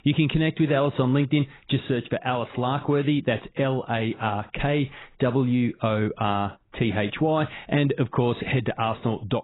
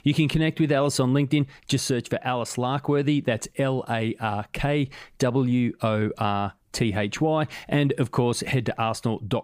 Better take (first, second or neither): second